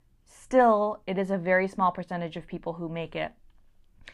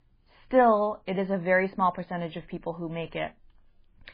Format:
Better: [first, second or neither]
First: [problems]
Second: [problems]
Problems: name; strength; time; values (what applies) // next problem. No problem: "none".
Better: first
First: none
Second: garbled, watery; badly; nothing above 4.5 kHz